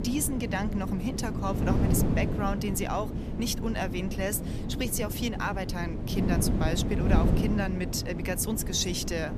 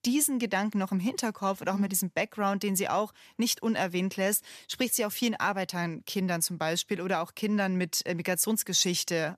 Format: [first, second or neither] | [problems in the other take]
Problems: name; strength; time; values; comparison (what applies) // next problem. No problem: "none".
second | wind noise on the microphone; heavy; 5 dB below the speech